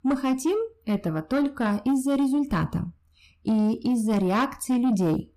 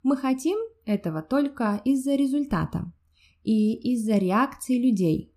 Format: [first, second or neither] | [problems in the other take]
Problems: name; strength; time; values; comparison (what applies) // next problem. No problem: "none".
second | distortion; slight; 10 dB below the speech